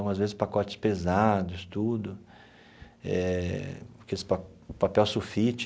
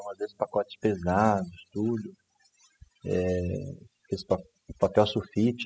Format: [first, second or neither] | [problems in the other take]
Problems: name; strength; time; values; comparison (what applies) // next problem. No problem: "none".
first | noise reduction (classical method spectral subtraction)